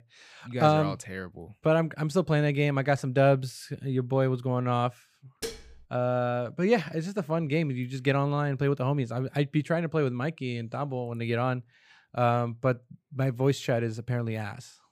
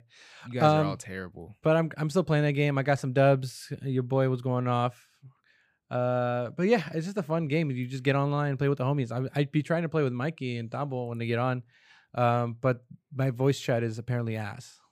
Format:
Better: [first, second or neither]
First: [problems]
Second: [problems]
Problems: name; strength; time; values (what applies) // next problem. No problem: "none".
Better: second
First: clattering dishes; faint; at 5.5 s; peak 10 dB below the speech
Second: none